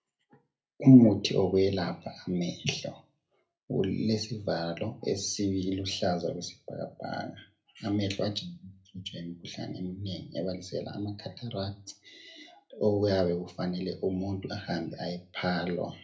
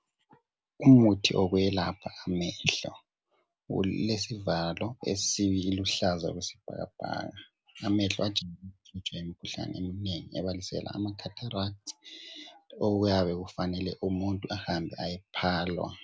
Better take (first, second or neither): second